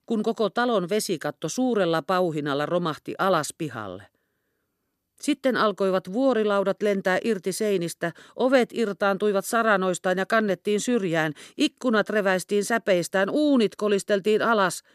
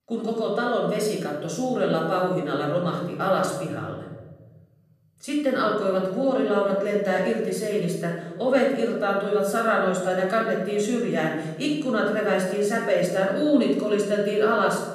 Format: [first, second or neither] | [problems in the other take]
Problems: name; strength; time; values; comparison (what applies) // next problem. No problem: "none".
first | off-mic speech; far // room echo; noticeable; dies away in 1.3 s